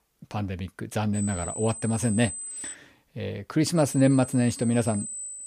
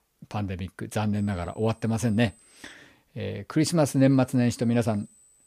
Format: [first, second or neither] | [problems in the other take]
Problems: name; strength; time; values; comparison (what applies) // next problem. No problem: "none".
second | high-pitched whine; loud; from 1 to 2.5 s and from 4 s on; 8 kHz, 9 dB below the speech; faint in the second